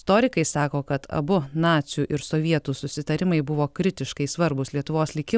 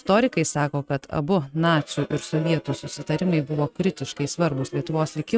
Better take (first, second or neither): first